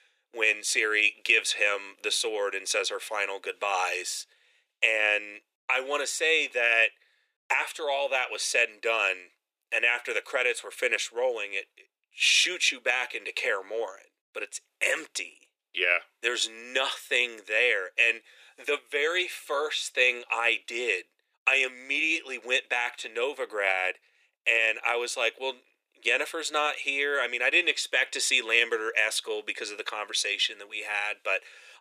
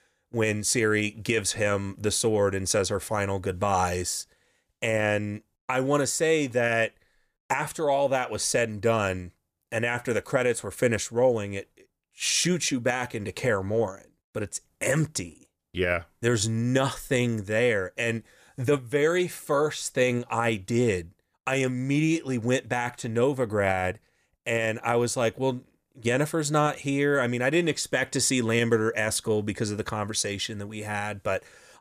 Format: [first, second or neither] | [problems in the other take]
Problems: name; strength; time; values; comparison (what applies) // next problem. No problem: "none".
second | thin; very; fading below 400 Hz